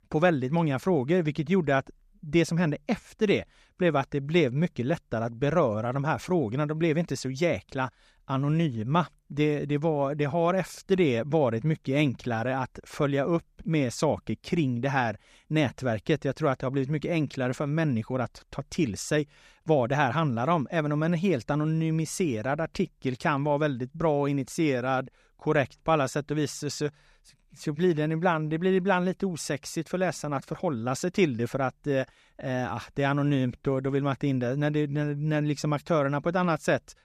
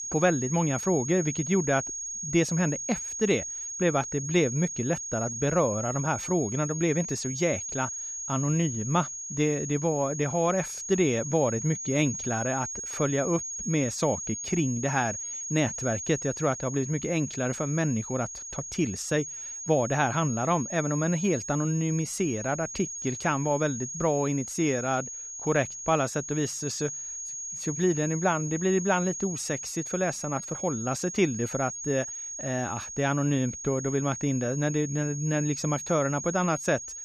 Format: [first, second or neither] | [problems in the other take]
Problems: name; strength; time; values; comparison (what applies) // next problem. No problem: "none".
first | high-pitched whine; loud; throughout; 6.5 kHz, 6 dB below the speech